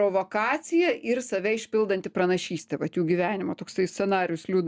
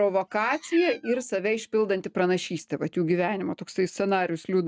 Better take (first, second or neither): first